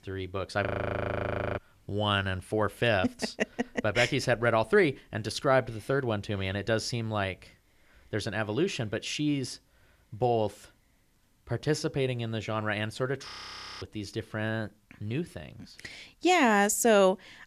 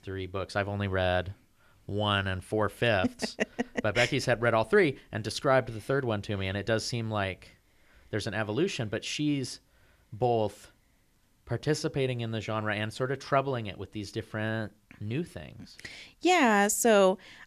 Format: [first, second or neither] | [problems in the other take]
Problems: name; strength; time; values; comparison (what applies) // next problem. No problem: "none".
second | audio freezing; at 0.5 s for 1 s and at 13 s for 0.5 s